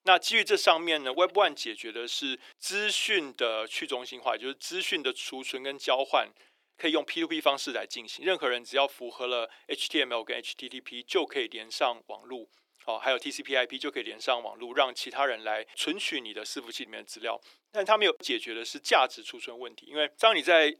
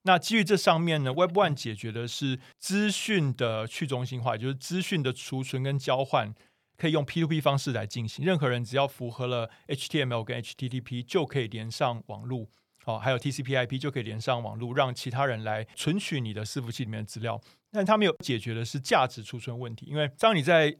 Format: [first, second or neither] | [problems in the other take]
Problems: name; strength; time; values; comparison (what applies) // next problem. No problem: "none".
second | thin; very; fading below 300 Hz